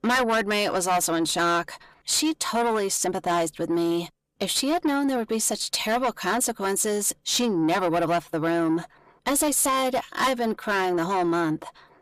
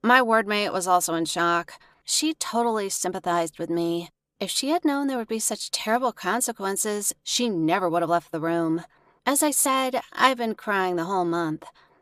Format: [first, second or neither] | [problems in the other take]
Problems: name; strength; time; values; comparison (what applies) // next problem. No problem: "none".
second | distortion; heavy; 8 dB below the speech